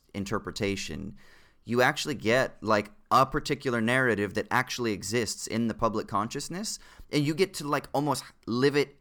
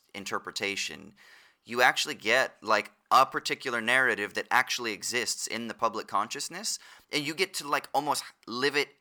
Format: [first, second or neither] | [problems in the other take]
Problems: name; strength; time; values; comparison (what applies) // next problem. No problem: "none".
first | thin; somewhat; fading below 950 Hz